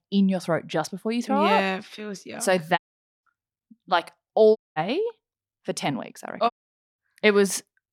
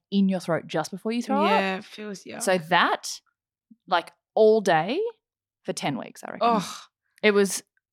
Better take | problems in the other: second | audio cutting out; at 3 s, at 4.5 s and at 6.5 s

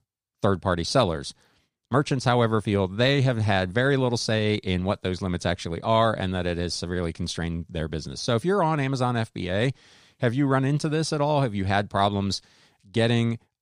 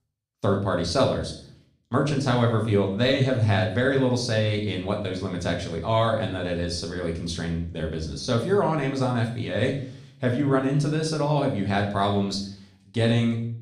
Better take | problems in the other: first | room echo; slight; dies away in 0.5 s // off-mic speech; somewhat distant

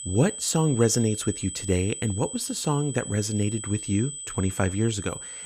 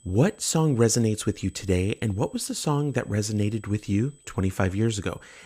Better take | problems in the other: second | high-pitched whine; loud; throughout; 8 kHz, 8 dB below the speech; faint in the second

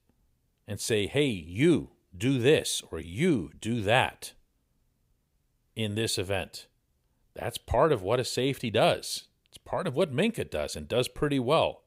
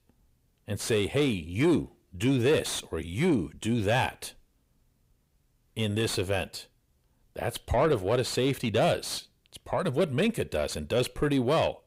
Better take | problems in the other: first | distortion; slight; 10 dB below the speech

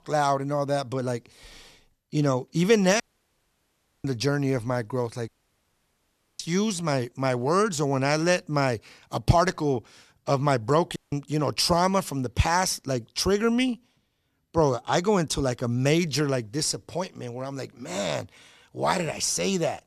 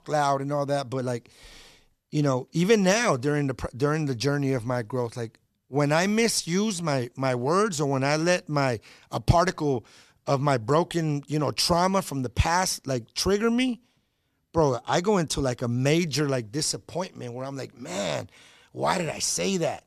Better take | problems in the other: second | audio cutting out; at 3 s for 1 s, at 5.5 s for 1 s and at 11 s

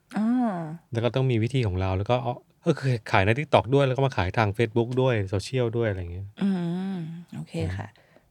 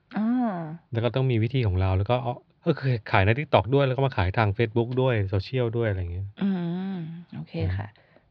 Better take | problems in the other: first | muffled; very slightly; fading above 4.5 kHz

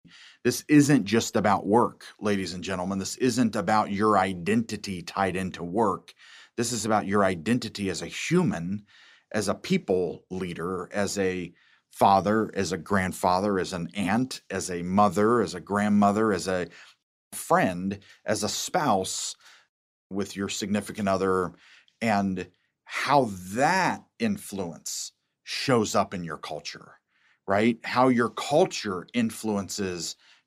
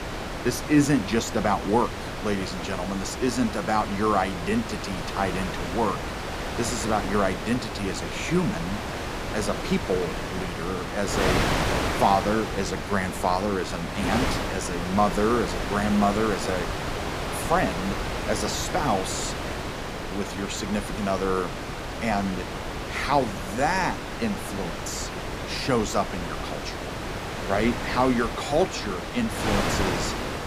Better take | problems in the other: first | wind noise on the microphone; heavy; 3 dB below the speech

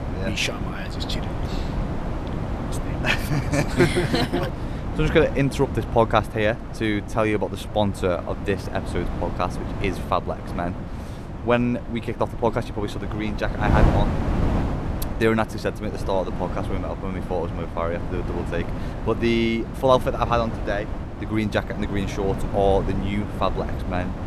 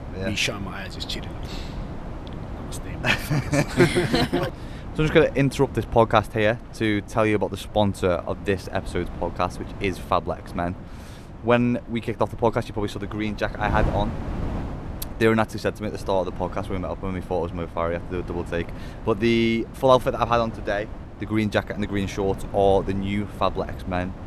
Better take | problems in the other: second | wind noise on the microphone; heavy; 9 dB below the speech; occasional gusts in the second

